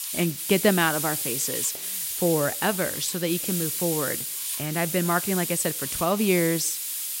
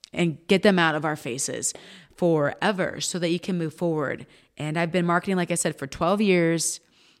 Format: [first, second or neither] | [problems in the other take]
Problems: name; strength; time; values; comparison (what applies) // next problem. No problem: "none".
second | hiss; loud; throughout; 2 dB below the speech